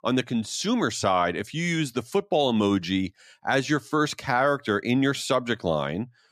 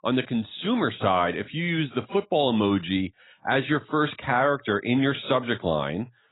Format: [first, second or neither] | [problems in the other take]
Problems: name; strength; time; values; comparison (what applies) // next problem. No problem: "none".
first | garbled, watery; badly; nothing above 4 kHz